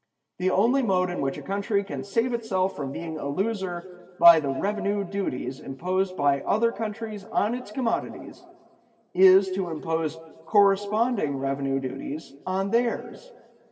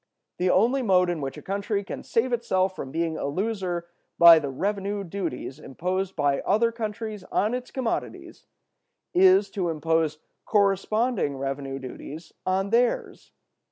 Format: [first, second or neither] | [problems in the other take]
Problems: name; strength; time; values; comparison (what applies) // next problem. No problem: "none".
second | room echo; dies away in 2 s